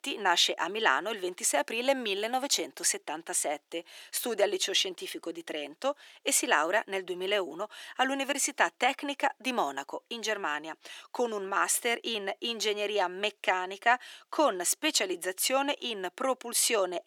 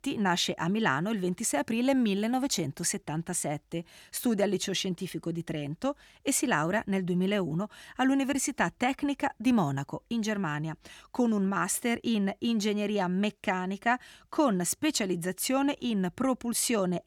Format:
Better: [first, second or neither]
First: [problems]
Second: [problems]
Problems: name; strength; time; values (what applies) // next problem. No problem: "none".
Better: second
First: thin; very; fading below 400 Hz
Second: none